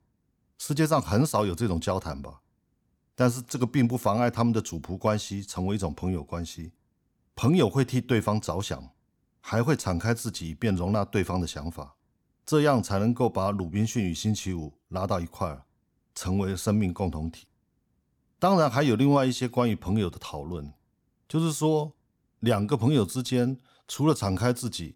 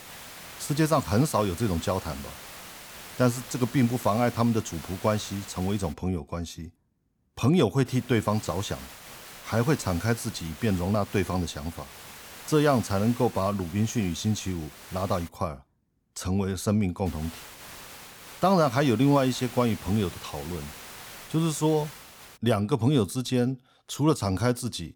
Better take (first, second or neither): first